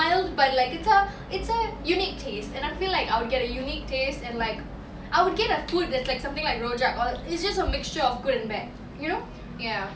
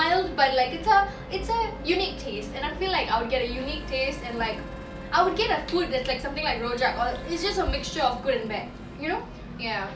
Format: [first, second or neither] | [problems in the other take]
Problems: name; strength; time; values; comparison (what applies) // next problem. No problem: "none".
first | background sound (Harmonica + Wind instrument, woodwind instrument); 19 dB below the speech